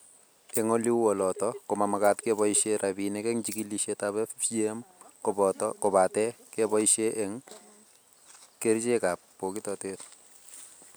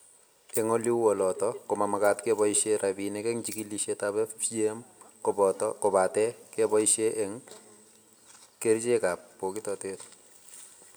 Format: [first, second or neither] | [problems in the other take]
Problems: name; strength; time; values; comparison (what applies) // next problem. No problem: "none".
first | room echo; dies away in 1.8 s